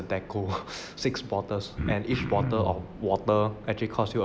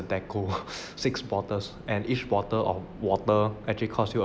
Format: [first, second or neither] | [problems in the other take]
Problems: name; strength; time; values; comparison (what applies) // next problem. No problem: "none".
second | background sound (Cough); 4 dB below the speech